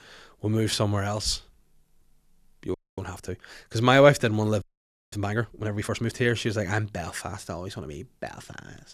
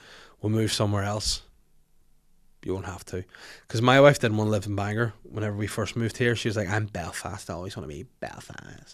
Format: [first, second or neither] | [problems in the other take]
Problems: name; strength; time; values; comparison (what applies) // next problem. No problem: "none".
second | audio freezing; at 2.5 s and at 4.5 s for 0.5 s